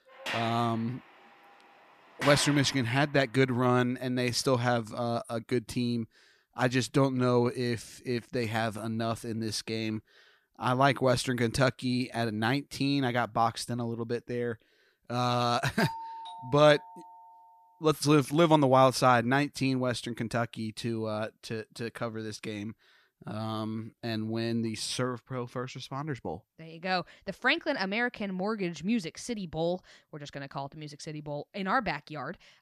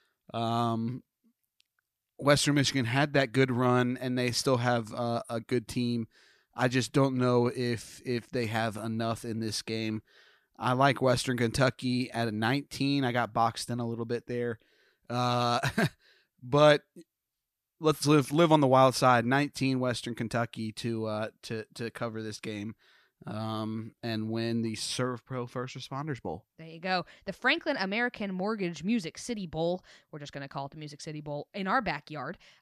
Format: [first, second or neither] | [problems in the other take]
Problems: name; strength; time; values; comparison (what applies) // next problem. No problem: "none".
second | door banging; noticeable; until 3 s; peak 3 dB below the speech // doorbell; noticeable; from 16 to 17 s; peak 9 dB below the speech